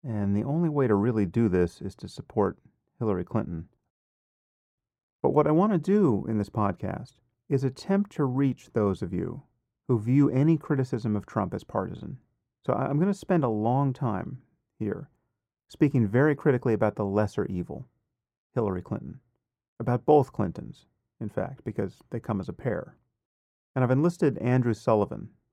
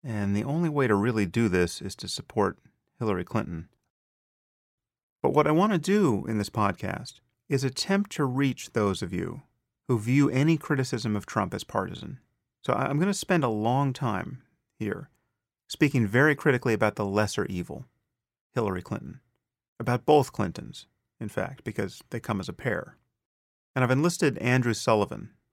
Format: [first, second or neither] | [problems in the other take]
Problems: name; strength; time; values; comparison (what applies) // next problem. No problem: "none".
second | muffled; slightly; fading above 1.5 kHz